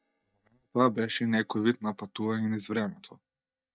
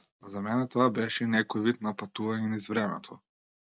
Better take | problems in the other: second | noise reduction (neural mask model DeepFilterNet 3)

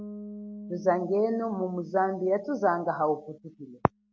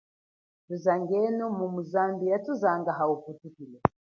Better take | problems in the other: second | background sound (Bass guitar); 16 dB below the speech

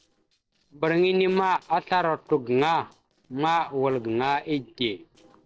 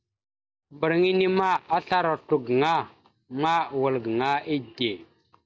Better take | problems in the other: second | noise reduction (neural separator model SepFormer DNS4)

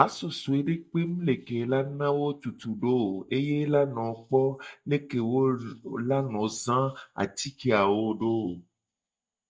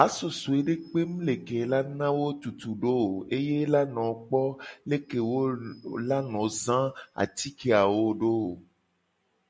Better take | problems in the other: second | noise reduction (neural mask model DeepFilterNet 3)

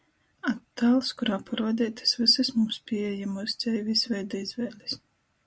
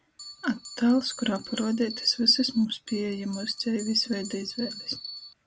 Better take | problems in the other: first | background sound (Bell); 14 dB below the speech

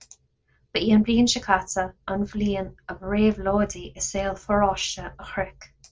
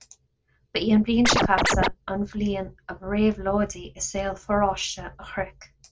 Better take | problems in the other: first | background sound (Scratching (performance technique)); 4 dB above the speech

